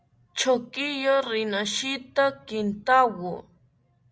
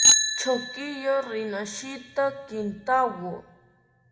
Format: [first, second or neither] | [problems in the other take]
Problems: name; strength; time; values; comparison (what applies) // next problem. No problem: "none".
first | background sound (Bicycle bell); 2 dB above the speech // room echo; dies away in 1.1 s